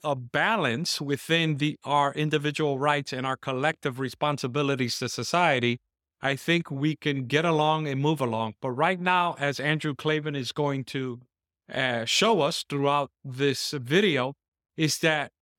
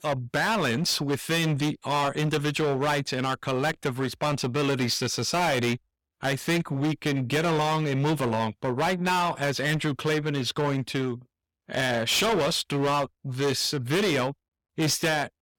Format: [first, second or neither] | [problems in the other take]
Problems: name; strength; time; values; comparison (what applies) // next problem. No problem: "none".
first | distortion; heavy; 17% of the sound clipped